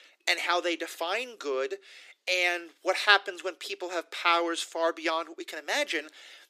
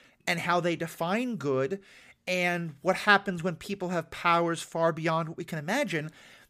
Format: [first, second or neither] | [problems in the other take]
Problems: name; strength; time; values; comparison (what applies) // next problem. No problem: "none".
second | thin; very; fading below 300 Hz